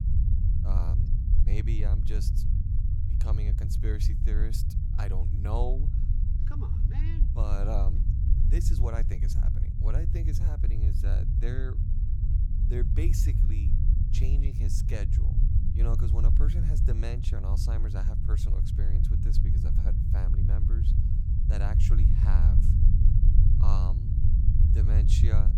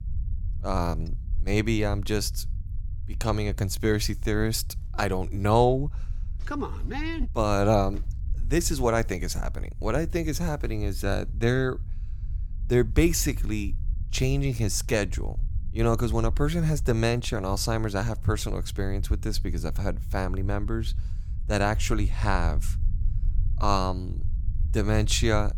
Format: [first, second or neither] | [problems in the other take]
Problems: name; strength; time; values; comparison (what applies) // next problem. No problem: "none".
second | low rumble; loud; throughout; 1 dB below the speech; faint in the second